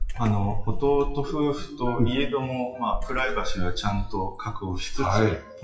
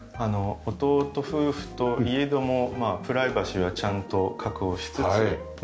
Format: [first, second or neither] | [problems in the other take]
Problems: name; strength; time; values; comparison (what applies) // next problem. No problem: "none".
second | noise reduction (classical method WPE with log-MMSE)